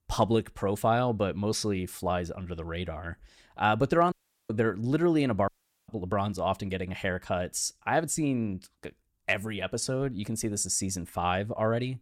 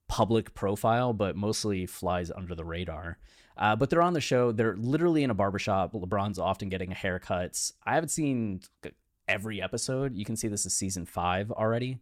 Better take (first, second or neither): second